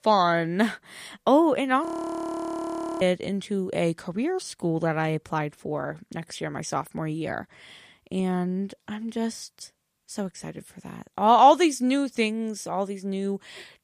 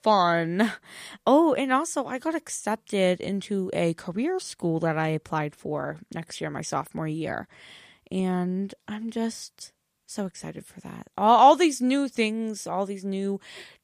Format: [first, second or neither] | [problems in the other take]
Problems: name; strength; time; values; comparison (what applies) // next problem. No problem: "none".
second | audio freezing; at 2 s for 1 s